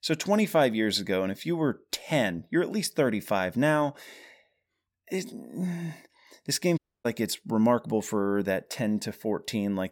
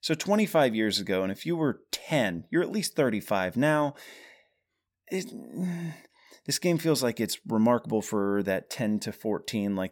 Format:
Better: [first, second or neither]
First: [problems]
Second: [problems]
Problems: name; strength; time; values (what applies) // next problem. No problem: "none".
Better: second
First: audio cutting out; at 7 s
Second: none